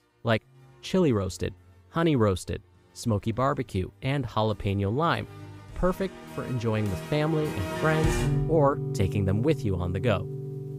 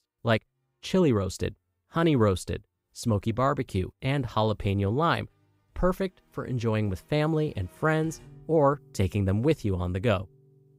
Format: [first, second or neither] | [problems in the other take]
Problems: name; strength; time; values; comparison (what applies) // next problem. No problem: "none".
second | background music; loud; throughout; 5 dB below the speech; faint in the second